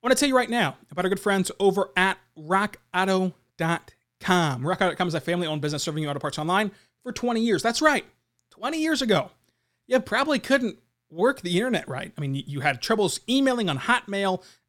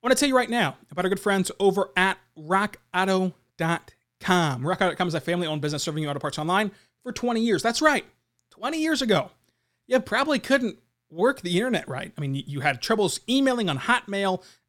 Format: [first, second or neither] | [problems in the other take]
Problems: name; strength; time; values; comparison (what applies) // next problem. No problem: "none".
neither | none